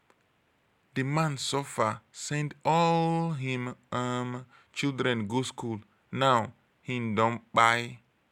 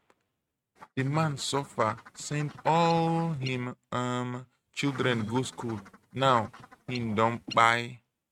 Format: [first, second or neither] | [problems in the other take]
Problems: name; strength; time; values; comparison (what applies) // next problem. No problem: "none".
first | noise reduction (neural mask model RNNoise)